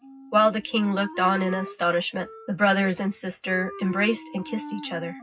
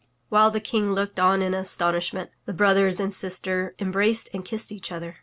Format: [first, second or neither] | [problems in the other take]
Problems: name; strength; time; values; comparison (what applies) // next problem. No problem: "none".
second | noise reduction (classical method WPE with log-MMSE)